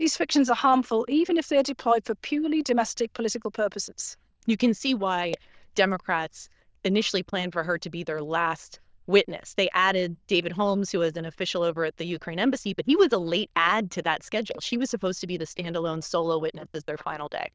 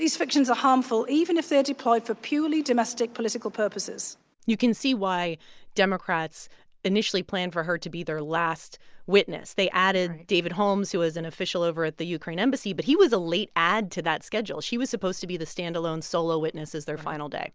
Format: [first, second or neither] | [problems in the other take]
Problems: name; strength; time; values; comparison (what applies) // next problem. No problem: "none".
second | noise reduction (neural diffusion model UNIVERSE++)